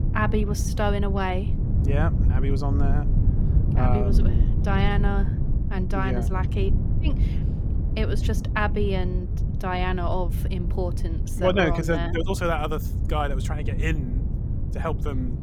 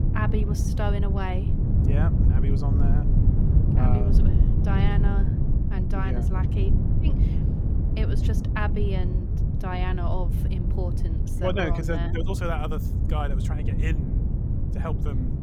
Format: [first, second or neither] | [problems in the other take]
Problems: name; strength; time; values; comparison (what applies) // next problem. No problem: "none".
first | wind noise on the microphone; heavy; 3 dB below the speech; occasional gusts in the first